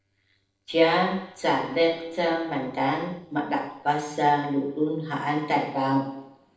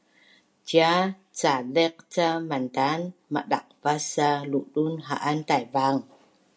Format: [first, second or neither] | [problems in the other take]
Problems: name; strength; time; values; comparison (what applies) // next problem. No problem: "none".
second | noise reduction (neural separator model SepFormer DNS4)